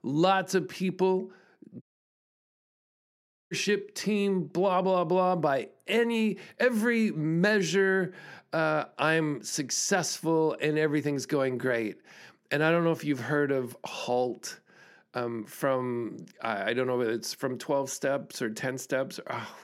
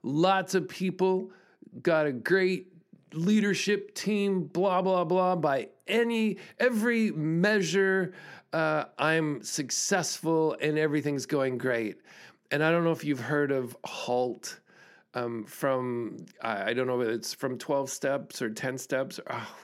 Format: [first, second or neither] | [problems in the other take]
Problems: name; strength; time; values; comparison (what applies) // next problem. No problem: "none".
second | audio cutting out; at 2 s for 1.5 s